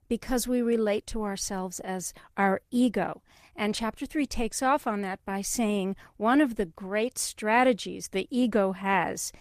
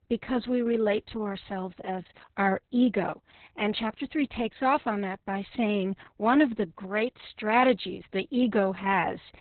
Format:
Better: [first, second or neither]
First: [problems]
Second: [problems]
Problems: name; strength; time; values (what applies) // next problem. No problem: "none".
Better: first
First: garbled, watery; slightly; nothing above 14.5 kHz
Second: garbled, watery; badly; nothing above 4 kHz